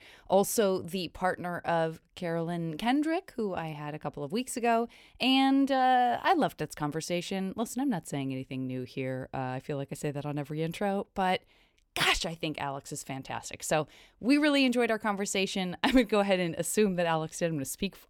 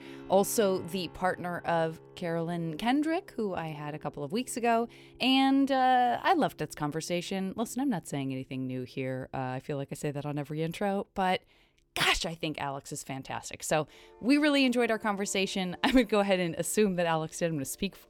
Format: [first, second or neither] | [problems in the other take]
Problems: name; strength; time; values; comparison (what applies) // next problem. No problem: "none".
first | background music; faint; throughout; 25 dB below the speech